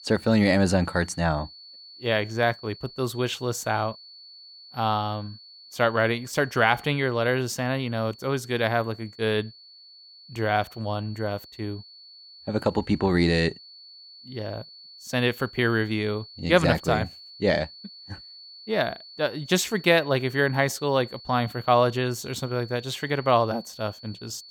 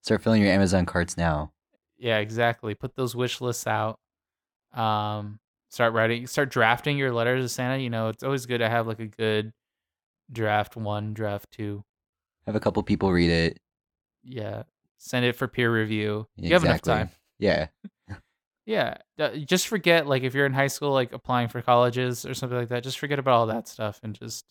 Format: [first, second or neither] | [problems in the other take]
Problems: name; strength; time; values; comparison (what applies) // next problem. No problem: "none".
second | high-pitched whine; noticeable; throughout; 4.5 kHz, 20 dB below the speech